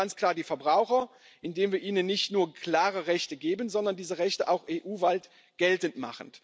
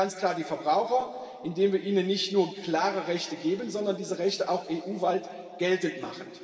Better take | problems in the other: first | room echo; dies away in 2.4 s

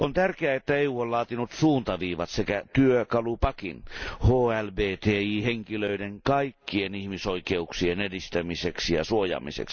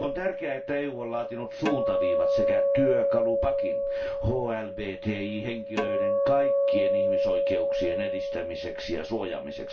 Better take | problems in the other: first | background sound (Acoustic guitar); 5 dB above the speech // room echo; dies away in 0.2 s

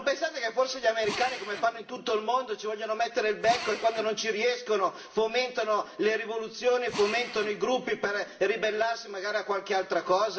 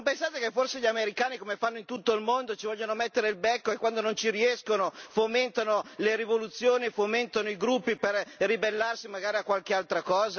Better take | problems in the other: second | background sound (Drill); 15 dB below the speech // room echo; dies away in 1.4 s

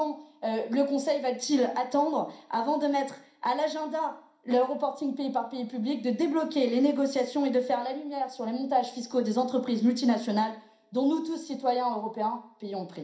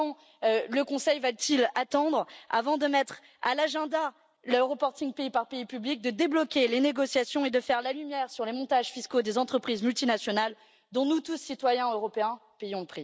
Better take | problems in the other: second | room echo; dies away in 0.5 s

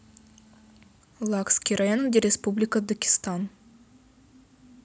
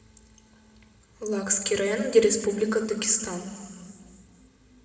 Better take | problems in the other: first | room echo; dies away in 2.3 s

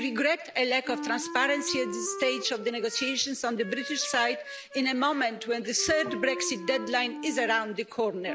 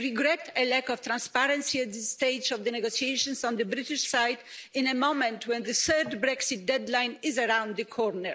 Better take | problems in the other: second | background sound (Wind instrument, woodwind instrument); 10 dB below the speech

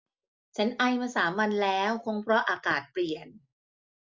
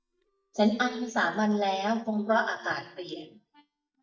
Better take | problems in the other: first | noise reduction (neural mask model DeepFilterNet 3)

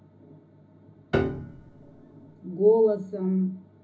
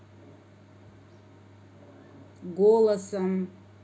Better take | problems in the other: second | background sound (Piano); 4 dB below the speech // room echo; dies away in 0.4 s

